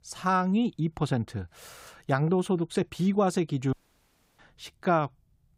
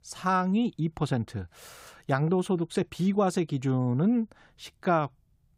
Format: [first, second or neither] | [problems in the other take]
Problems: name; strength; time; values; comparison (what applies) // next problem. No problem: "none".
second | audio cutting out; at 3.5 s for 0.5 s